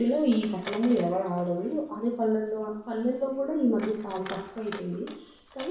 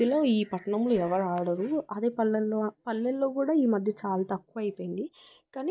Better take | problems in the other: second | background sound (Coin (dropping)); 18 dB below the speech // room echo; dies away in 0.7 s

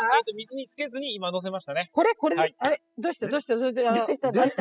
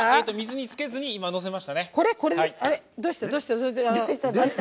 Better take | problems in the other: second | noise reduction (classical method spectral subtraction)

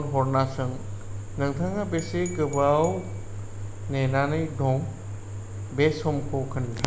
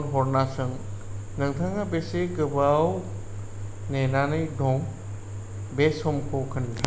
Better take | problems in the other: second | background sound (Glass / Bell); 19 dB below the speech

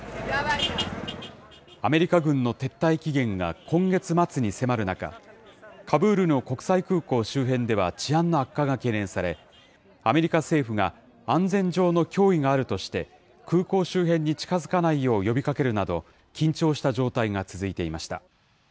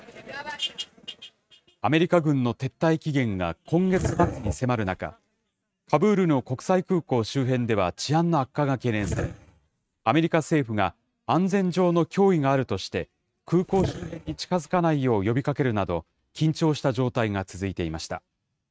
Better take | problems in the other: first | noise reduction (neural mask model RNNoise)

